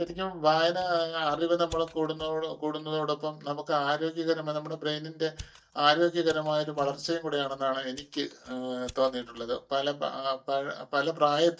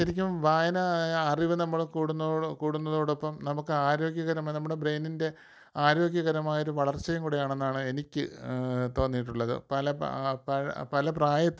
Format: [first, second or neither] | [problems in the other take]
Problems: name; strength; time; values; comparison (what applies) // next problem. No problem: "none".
second | noise reduction (neural mask model DeepFilterNet 3)